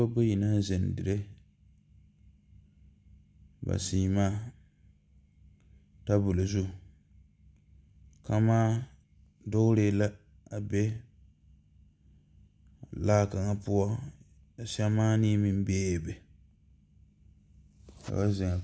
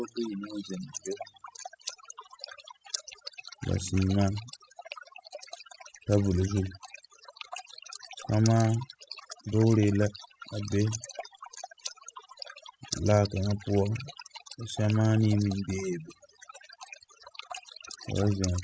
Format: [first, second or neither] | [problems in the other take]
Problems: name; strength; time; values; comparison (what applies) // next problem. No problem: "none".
first | noise reduction (classical method spectral subtraction)